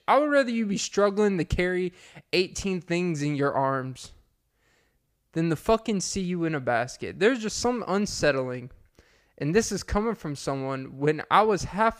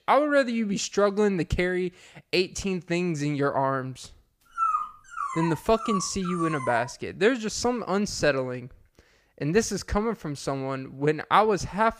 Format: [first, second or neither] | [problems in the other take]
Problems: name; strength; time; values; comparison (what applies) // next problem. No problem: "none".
first | dog barking; loud; from 4.5 to 7 s; peak level with the speech